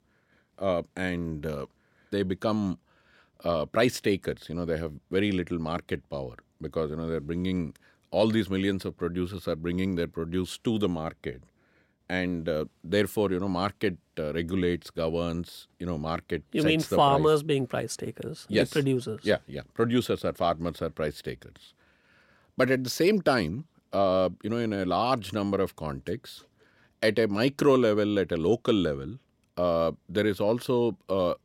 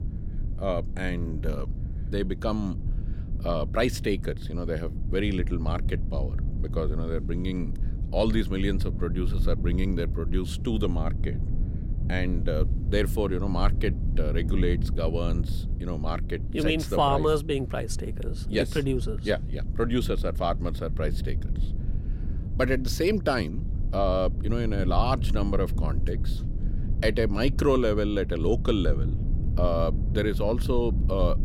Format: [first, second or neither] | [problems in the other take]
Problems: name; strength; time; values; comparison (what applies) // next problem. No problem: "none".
first | low rumble; noticeable; throughout; 15 dB below the speech